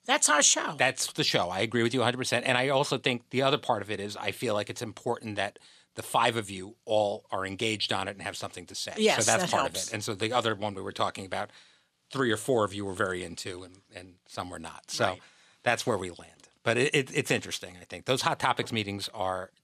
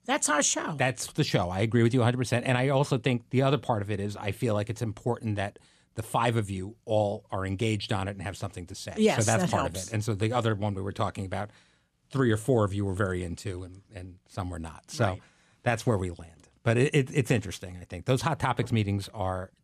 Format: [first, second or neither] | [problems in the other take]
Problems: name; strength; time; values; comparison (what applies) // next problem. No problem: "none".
second | thin; somewhat; fading below 550 Hz